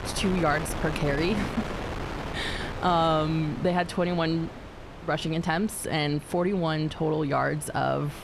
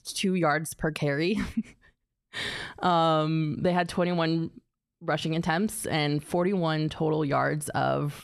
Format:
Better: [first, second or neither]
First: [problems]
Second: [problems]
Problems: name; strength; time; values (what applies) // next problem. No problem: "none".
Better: second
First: wind noise on the microphone; occasional gusts; 10 dB below the speech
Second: none